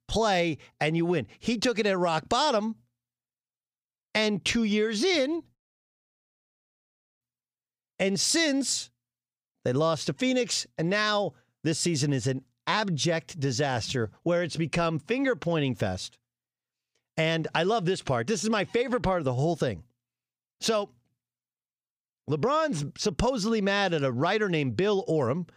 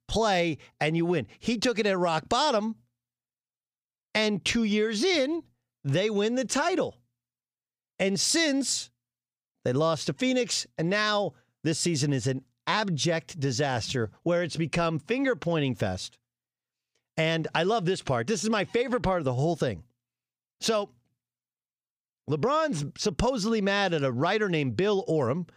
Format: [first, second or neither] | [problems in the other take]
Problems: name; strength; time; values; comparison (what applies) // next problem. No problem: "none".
second | audio cutting out; at 5.5 s for 1.5 s